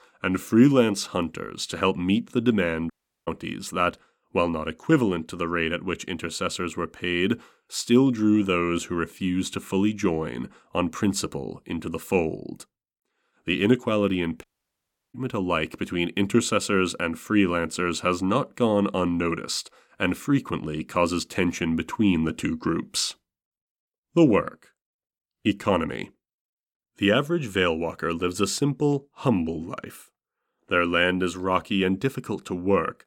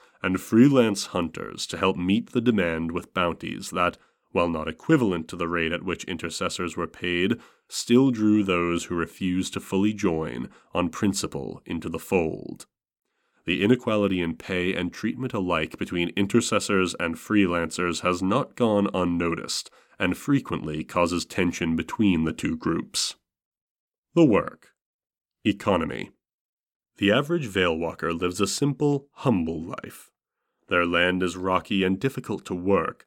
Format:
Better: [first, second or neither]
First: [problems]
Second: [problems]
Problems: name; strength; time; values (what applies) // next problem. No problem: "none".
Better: second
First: audio cutting out; at 3 s and at 14 s for 0.5 s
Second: none